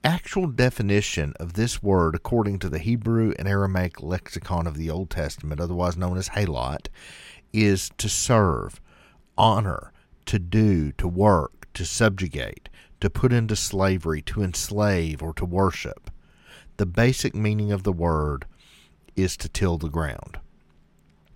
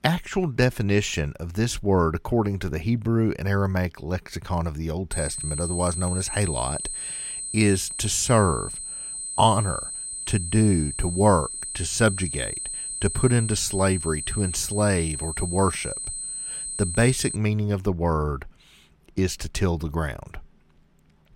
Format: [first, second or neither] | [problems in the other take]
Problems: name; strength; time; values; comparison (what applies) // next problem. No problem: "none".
first | high-pitched whine; loud; from 5 to 17 s; 8 kHz, 5 dB below the speech